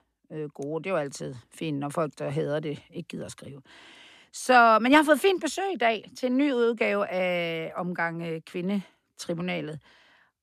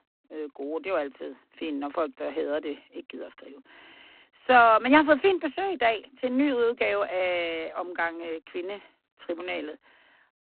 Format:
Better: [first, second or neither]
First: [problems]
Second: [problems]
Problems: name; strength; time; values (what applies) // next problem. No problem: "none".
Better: first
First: none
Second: phone-call audio; poor line